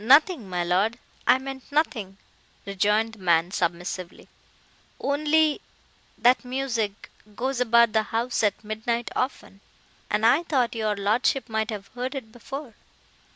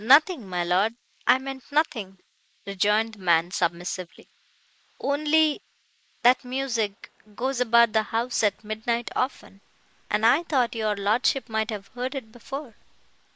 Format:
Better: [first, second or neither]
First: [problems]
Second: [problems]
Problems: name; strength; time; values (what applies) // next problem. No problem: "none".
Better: first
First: none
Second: noise reduction (neural mask model Resemble Enhance denoiser)